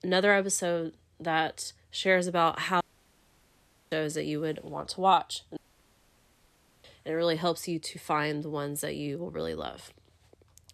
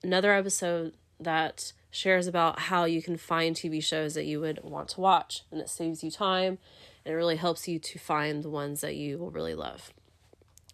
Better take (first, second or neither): second